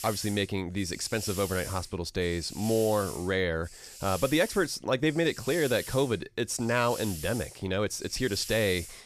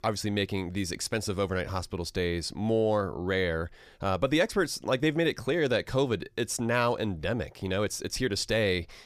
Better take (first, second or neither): second